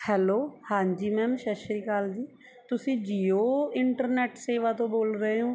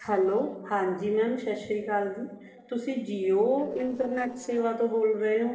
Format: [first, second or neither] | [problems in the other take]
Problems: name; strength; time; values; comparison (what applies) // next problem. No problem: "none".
first | noise reduction (neural separator model SepFormer DNS4)